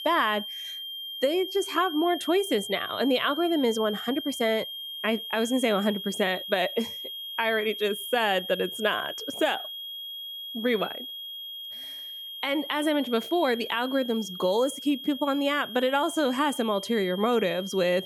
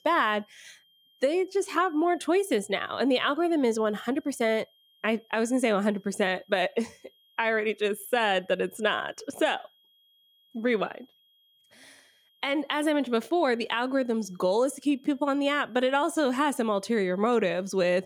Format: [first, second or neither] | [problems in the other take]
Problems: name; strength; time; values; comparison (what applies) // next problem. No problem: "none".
second | high-pitched whine; loud; throughout; 3 kHz, 8 dB below the speech; faint in the second